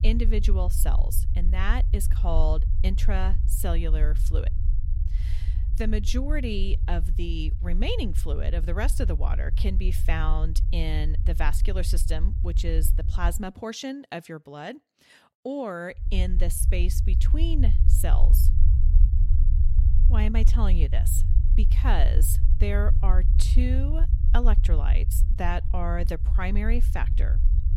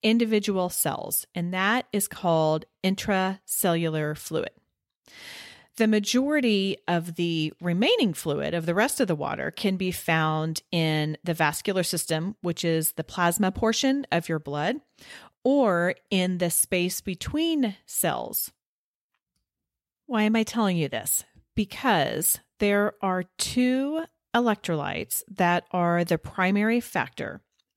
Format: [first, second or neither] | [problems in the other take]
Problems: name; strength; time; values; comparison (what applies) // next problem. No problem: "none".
second | low rumble; noticeable; until 13 s and from 16 s on; 10 dB below the speech